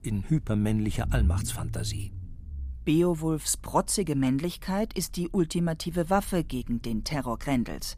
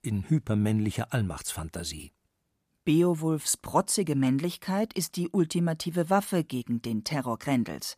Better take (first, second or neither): second